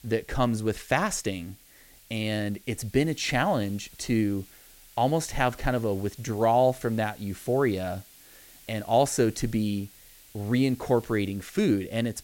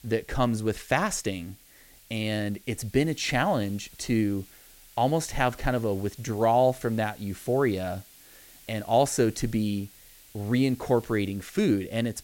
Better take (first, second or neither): neither